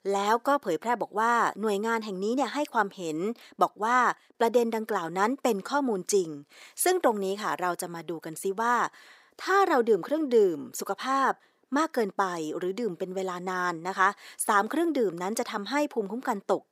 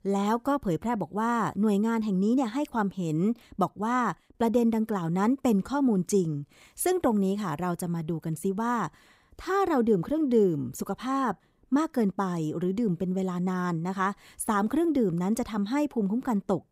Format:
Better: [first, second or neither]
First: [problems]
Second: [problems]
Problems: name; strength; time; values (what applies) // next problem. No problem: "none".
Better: second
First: thin; somewhat; fading below 450 Hz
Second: none